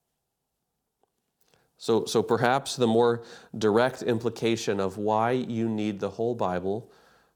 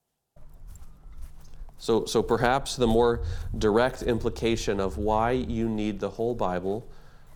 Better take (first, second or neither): first